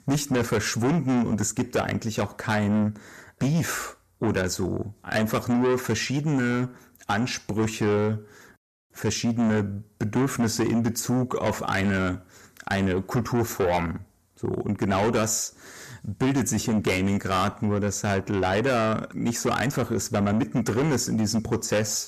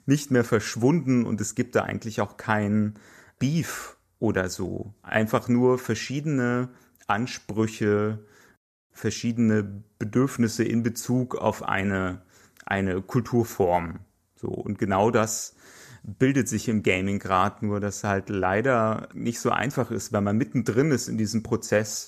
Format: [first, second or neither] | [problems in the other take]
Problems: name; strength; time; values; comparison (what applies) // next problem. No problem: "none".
second | distortion; heavy; 7 dB below the speech